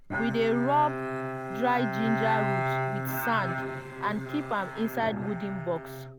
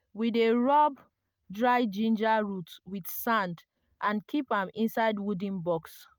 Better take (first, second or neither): second